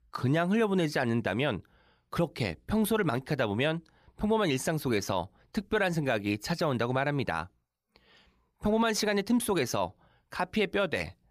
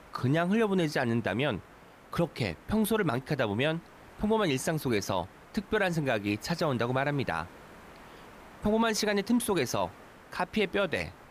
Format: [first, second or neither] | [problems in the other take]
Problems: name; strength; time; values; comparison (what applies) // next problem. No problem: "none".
first | hiss; faint; throughout; 20 dB below the speech